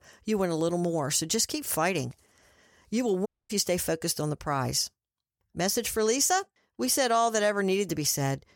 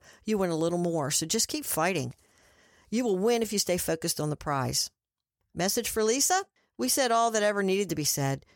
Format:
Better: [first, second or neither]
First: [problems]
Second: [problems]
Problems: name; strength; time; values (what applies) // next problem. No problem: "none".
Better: second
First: audio cutting out; at 3.5 s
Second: none